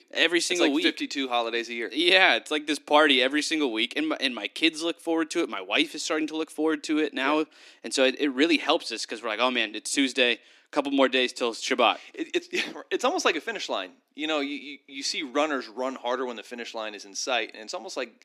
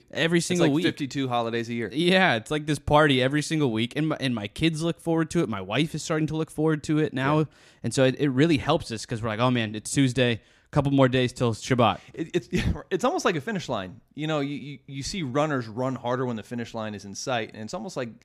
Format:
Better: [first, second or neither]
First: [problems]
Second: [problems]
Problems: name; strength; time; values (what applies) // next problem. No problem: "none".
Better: second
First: thin; very slightly; fading below 300 Hz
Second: none